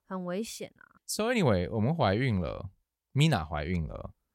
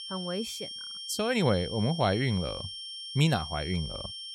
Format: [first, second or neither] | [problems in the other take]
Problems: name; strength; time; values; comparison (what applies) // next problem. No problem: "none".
first | high-pitched whine; loud; throughout; 3 kHz, 8 dB below the speech